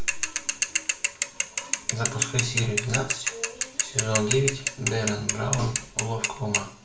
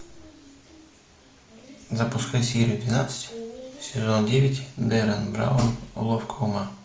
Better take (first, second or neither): second